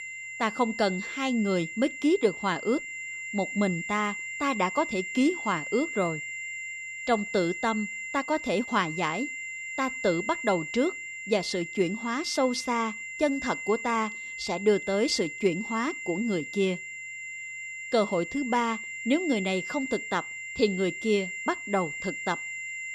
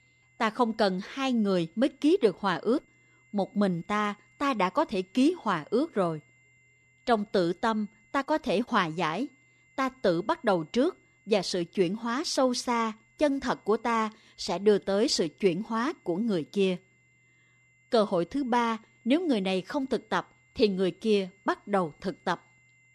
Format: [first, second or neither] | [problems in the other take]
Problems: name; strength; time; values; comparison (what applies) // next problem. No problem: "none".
second | high-pitched whine; loud; throughout; 2 kHz, 6 dB below the speech; faint in the second